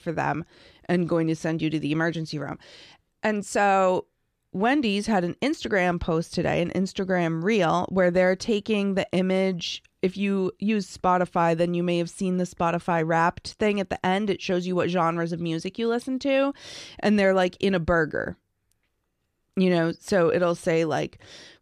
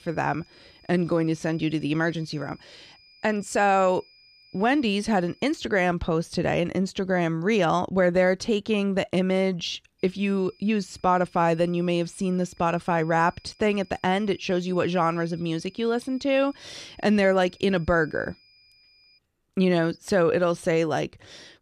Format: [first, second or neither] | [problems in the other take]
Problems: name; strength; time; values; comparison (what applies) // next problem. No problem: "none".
first | high-pitched whine; faint; until 5.5 s and from 10 to 19 s; 5 kHz, 30 dB below the speech